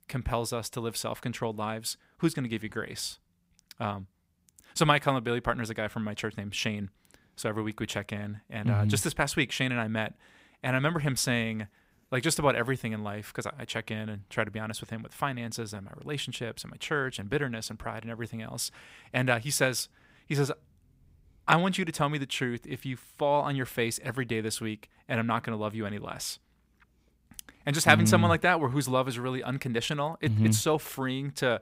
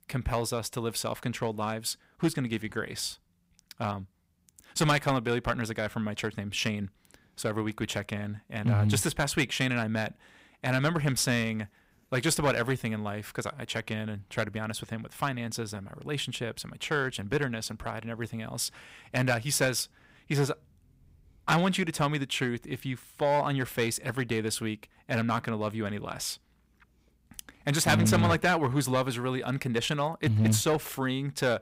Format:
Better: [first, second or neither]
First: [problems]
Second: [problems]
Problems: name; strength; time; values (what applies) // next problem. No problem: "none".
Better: first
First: none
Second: distortion; slight; 2% of the sound clipped